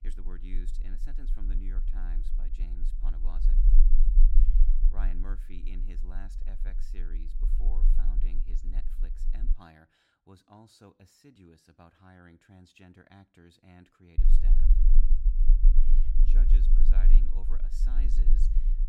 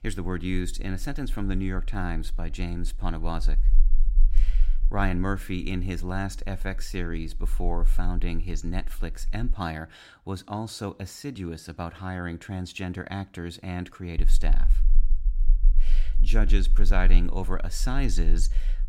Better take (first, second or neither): second